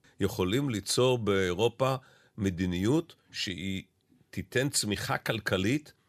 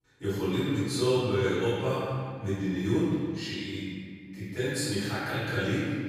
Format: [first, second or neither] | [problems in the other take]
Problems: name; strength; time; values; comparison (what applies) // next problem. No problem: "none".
first | off-mic speech; far // room echo; strong; dies away in 1.9 s